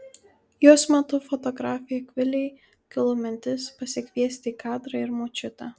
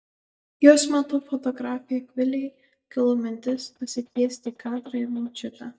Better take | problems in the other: first | noise reduction (neural mask model DeepFilterNet 3)

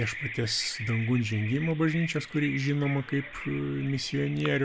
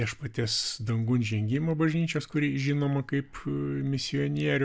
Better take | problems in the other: second | background sound (Bird vocalization, bird call, bird song); 12 dB below the speech

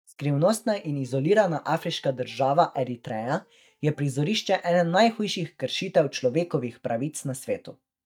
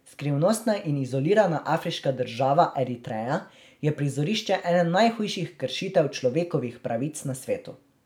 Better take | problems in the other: second | noise reduction (neural mask model DeepFilterNet 3)

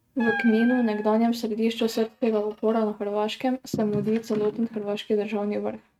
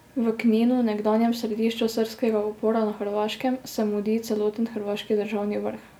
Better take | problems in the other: second | noise reduction (neural mask model RNNoise)

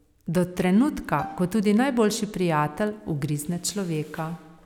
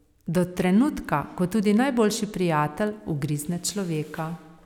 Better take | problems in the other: second | background sound (Bowed string instrument); 15 dB below the speech

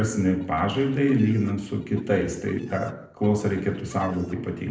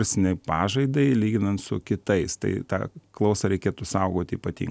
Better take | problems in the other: second | noise reduction (neural separator model SepFormer DNS4)

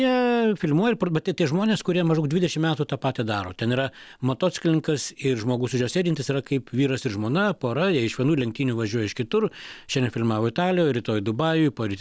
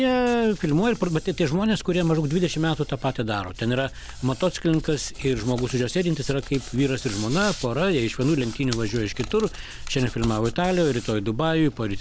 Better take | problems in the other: first | background sound (Hands); 12 dB below the speech

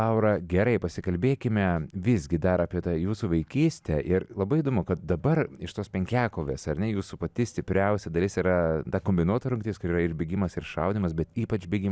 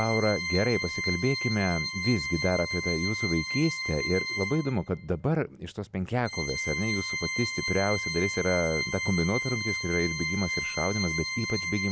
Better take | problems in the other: first | background sound (Organ); 4 dB below the speech

